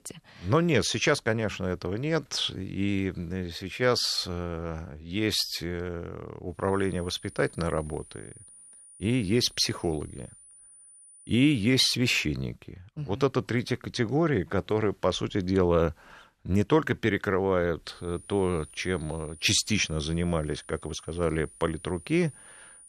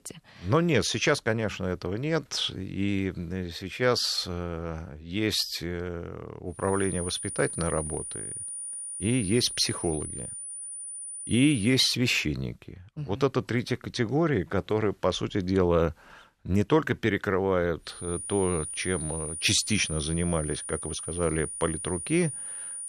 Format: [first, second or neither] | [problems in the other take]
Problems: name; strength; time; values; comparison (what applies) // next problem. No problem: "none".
first | high-pitched whine; loud; from 6.5 to 12 s and from 18 s on; 9.5 kHz, 7 dB below the speech; faint in the first